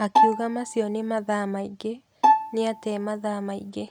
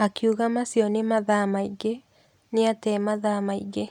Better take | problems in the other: second | background sound (Bowed string instrument); 3 dB above the speech

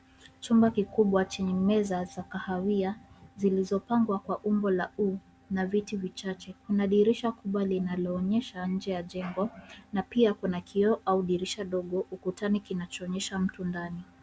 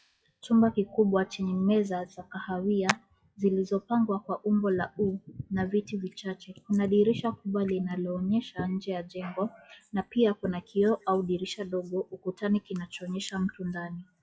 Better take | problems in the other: first | noise reduction (classical method WPE with log-MMSE)

